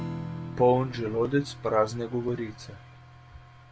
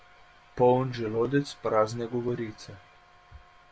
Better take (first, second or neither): second